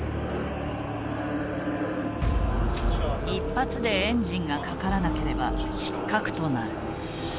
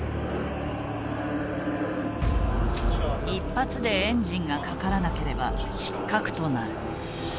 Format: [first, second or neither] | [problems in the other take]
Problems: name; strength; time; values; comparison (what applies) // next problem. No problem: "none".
second | background sound (Guitar); 12 dB below the speech